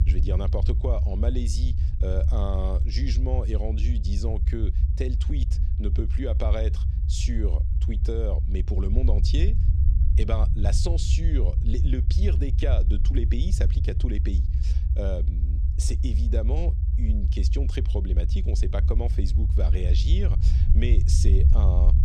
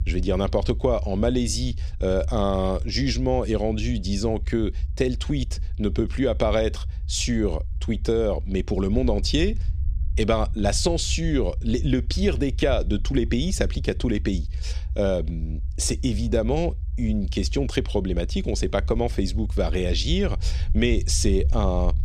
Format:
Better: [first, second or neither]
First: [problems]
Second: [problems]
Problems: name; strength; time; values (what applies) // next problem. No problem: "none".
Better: second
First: low rumble; loud; throughout; 6 dB below the speech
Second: low rumble; faint; throughout; 20 dB below the speech